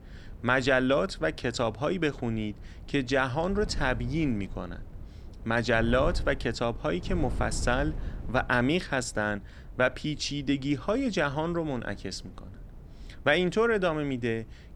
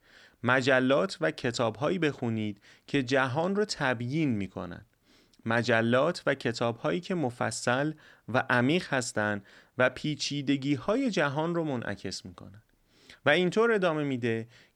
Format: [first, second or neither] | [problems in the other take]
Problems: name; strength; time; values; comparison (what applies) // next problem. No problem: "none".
second | wind noise on the microphone; occasional gusts; 25 dB below the speech